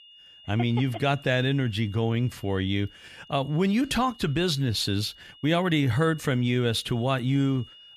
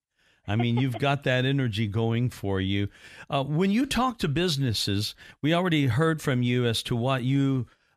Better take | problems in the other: second | high-pitched whine; faint; throughout; 3 kHz, 25 dB below the speech

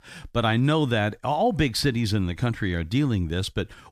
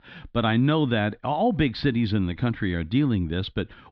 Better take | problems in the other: first | muffled; slightly; fading above 4 kHz

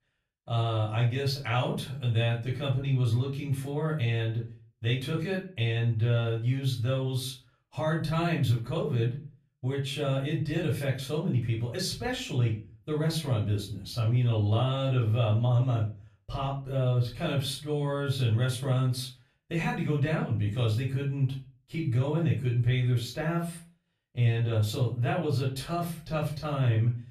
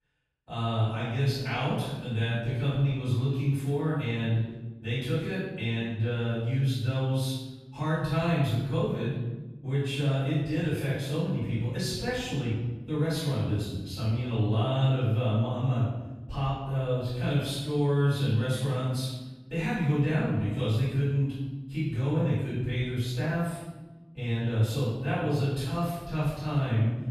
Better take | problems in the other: first | room echo; strong; dies away in 1.2 s; slight in the first // off-mic speech; far; far in the first

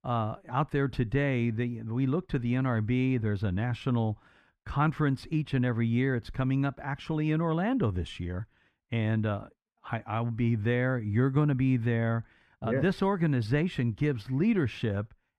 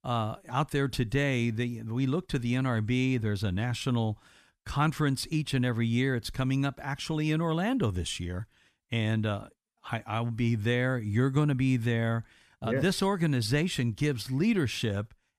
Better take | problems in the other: second | muffled; slightly; fading above 3.5 kHz

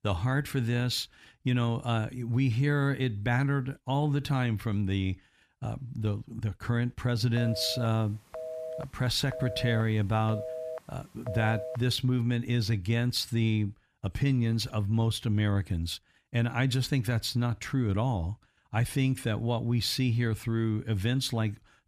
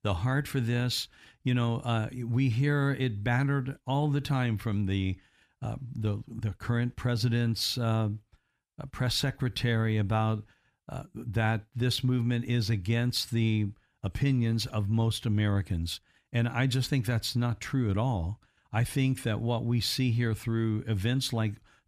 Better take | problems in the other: second | phone ringing; noticeable; from 7.5 to 12 s; peak 7 dB below the speech

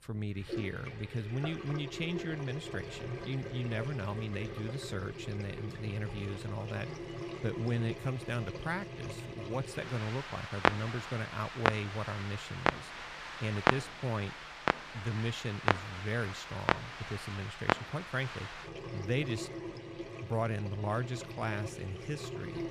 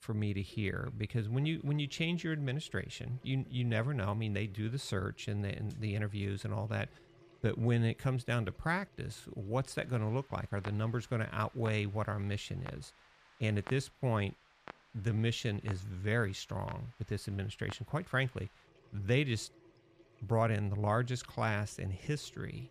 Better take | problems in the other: second | household noises; loud; throughout; 1 dB below the speech; faint in the second

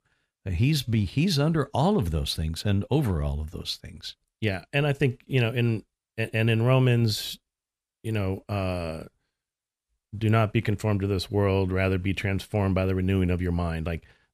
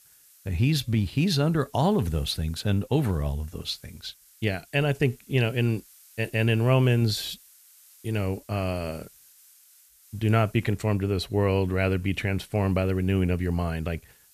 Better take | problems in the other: first | hiss; faint; throughout; 25 dB below the speech

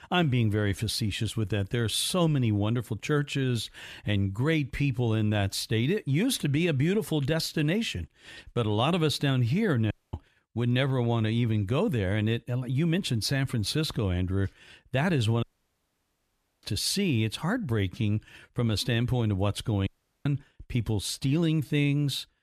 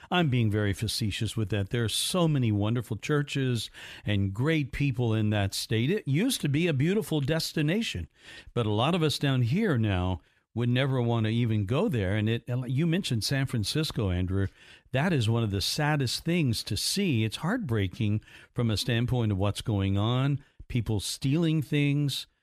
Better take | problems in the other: second | audio cutting out; at 10 s, at 15 s for 1 s and at 20 s

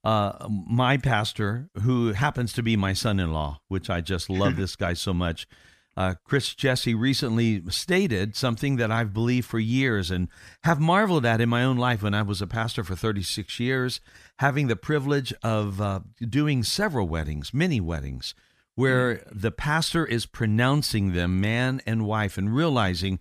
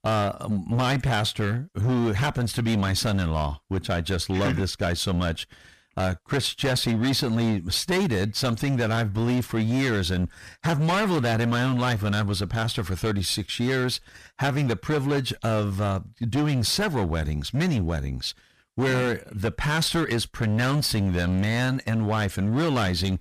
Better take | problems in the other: first | distortion; heavy; 18% of the sound clipped

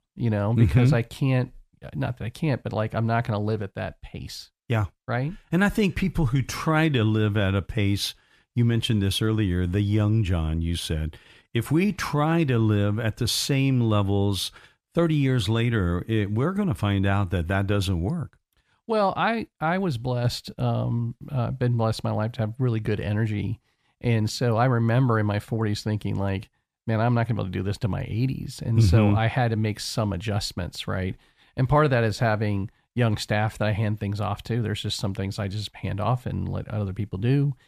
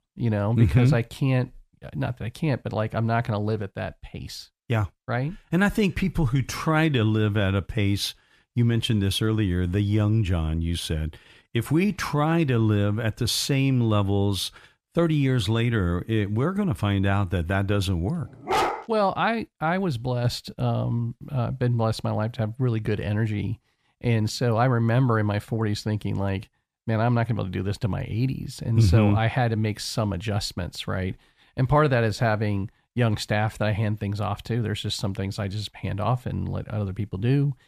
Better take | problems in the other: first | dog barking; loud; at 18 s; peak 1 dB above the speech

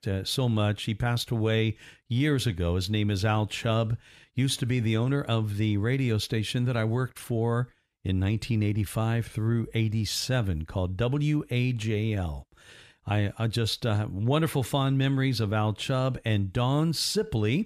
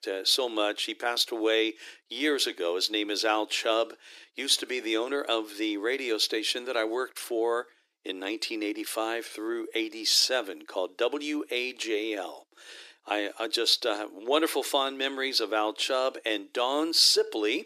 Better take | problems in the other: first | thin; very; fading below 300 Hz

